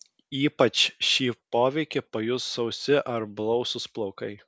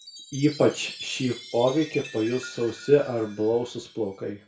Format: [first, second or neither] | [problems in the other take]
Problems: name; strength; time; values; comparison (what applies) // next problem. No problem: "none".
first | background sound (Chime); 17 dB below the speech // room echo; dies away in 0.3 s